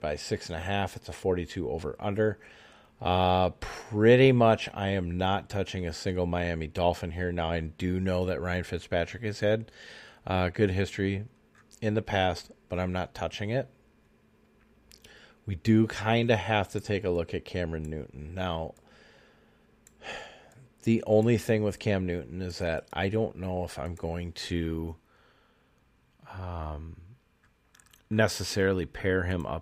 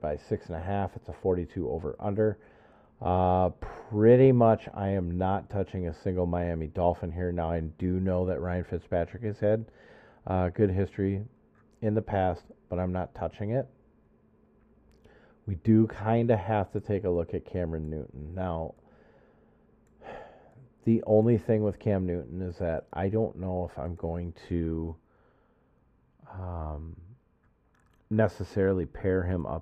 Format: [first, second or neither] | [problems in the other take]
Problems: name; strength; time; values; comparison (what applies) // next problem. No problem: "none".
first | muffled; very; fading above 2 kHz